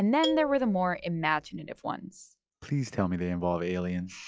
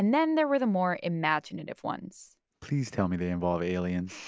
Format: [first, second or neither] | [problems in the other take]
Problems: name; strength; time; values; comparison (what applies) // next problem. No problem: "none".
second | noise reduction (classical method log-MMSE)